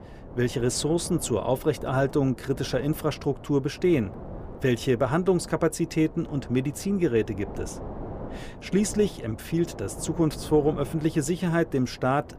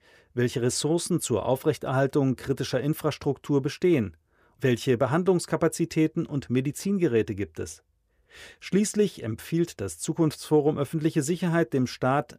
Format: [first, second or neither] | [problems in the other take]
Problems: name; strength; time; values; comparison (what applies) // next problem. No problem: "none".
second | wind noise on the microphone; occasional gusts; 15 dB below the speech